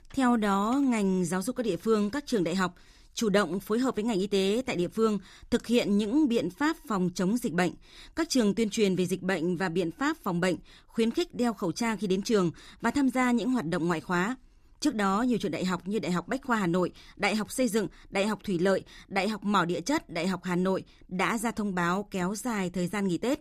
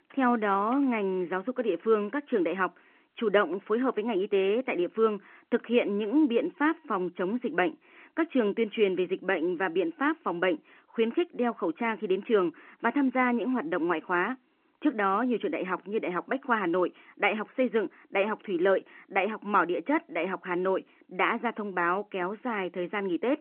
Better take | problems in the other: first | phone-call audio

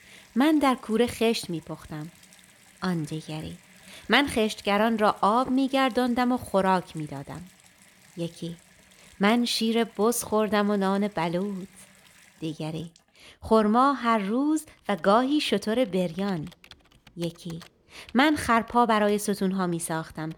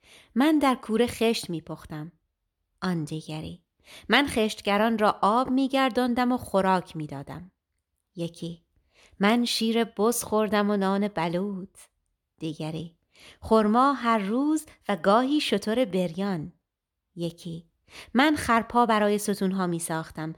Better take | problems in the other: second | household noises; faint; throughout; 30 dB below the speech

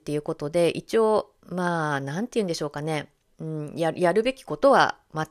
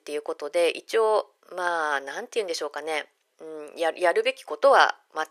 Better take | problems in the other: first | thin; very; fading below 400 Hz

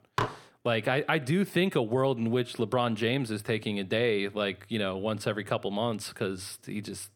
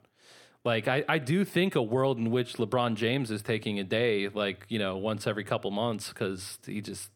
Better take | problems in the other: second | clattering dishes; noticeable; at the start; peak 3 dB below the speech

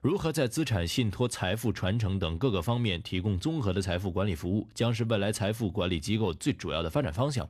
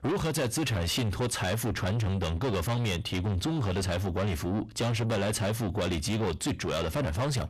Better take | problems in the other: first | distortion; heavy; 6 dB below the speech

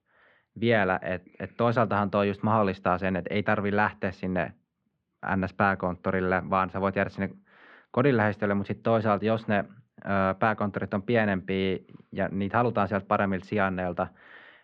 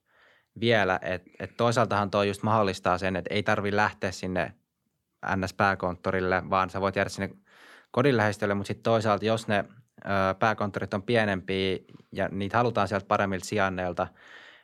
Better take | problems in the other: second | muffled; slightly; fading above 3 kHz

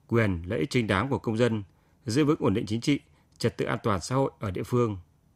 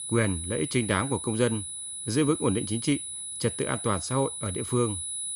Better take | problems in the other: first | high-pitched whine; loud; throughout; 10 kHz, 5 dB below the speech

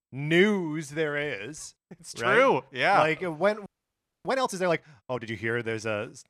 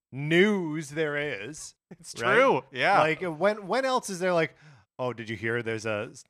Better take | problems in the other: second | audio freezing; at 3.5 s for 0.5 s

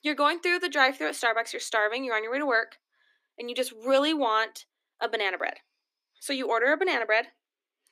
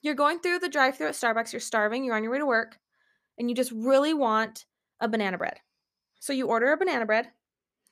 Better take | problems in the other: second | thin; very slightly; fading below 250 Hz

